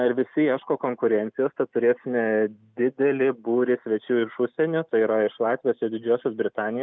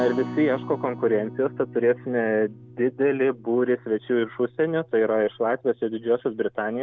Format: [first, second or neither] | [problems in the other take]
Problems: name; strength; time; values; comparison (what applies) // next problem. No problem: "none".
first | background sound (Acoustic guitar); 16 dB below the speech